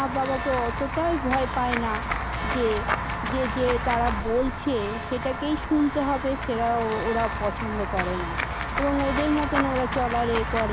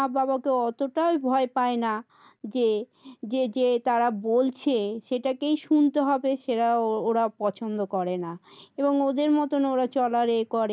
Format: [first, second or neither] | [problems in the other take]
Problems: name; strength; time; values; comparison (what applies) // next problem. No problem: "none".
second | background sound (Walk, footsteps / Run / Bell); 3 dB below the speech